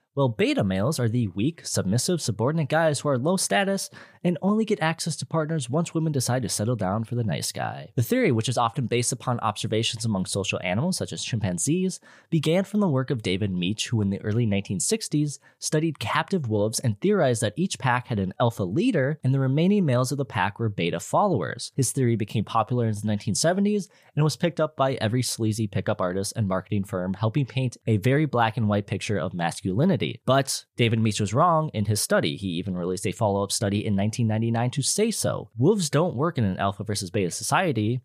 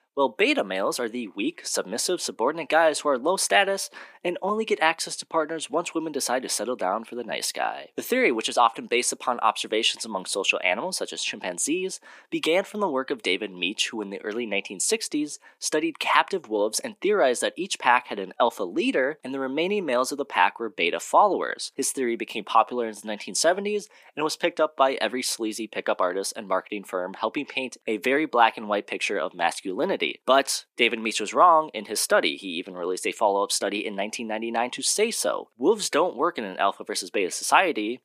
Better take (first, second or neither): first